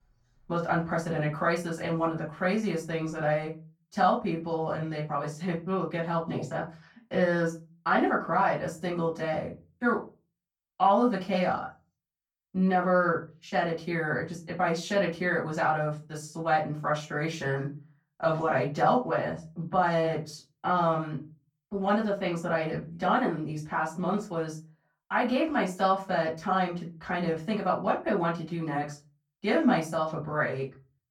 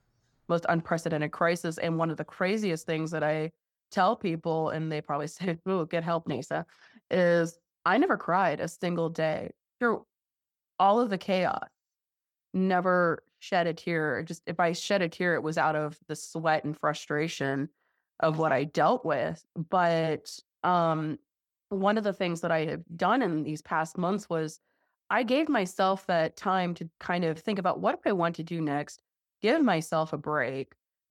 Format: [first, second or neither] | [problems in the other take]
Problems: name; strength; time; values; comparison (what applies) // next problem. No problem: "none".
second | room echo; slight; dies away in 0.3 s // off-mic speech; far